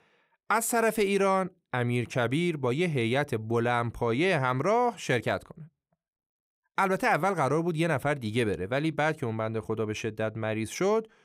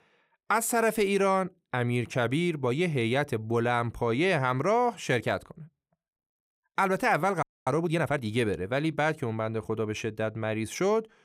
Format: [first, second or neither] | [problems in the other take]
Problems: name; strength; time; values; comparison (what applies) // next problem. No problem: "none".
first | audio freezing; at 7.5 s